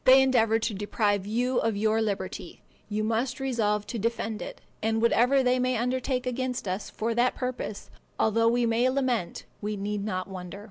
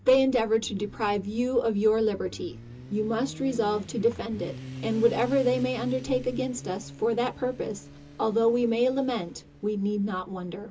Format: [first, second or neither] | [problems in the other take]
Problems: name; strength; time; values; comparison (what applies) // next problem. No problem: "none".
first | background sound (Motorcycle); 15 dB below the speech // room echo; dies away in 0.2 s